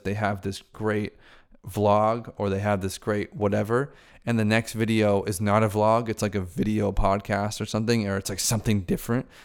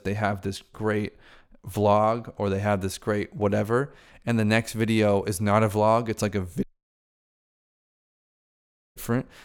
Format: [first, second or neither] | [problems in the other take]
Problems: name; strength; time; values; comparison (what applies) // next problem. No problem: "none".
first | audio cutting out; at 6.5 s for 2.5 s